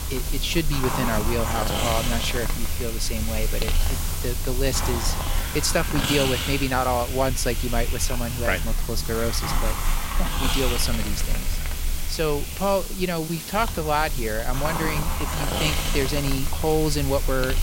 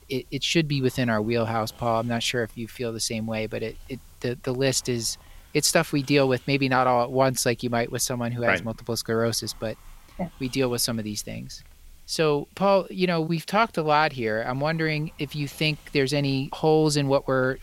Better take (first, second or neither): second